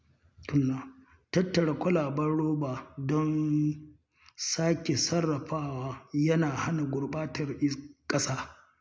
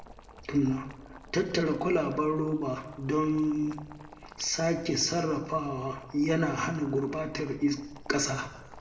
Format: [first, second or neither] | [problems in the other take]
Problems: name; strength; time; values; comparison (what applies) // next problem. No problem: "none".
first | background sound (Boiling); 19 dB below the speech // room echo; dies away in 0.7 s